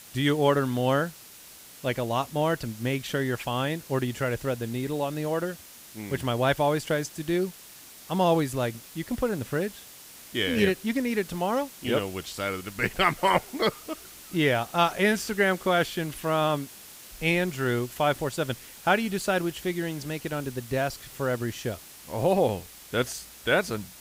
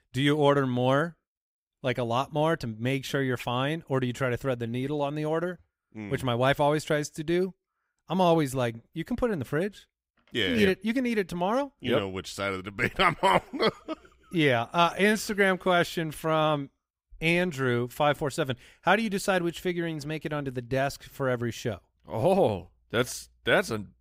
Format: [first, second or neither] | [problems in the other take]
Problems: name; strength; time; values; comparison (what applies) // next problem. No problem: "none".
second | hiss; noticeable; throughout; 15 dB below the speech